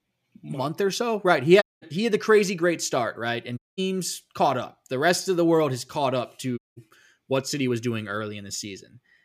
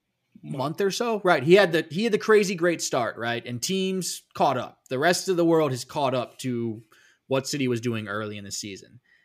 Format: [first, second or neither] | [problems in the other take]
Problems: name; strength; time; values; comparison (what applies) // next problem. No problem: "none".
second | audio cutting out; at 1.5 s, at 3.5 s and at 6.5 s